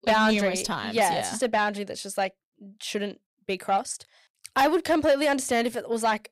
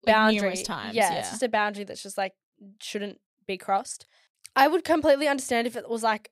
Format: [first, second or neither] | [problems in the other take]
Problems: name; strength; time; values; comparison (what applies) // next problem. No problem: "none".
second | distortion; slight; 10 dB below the speech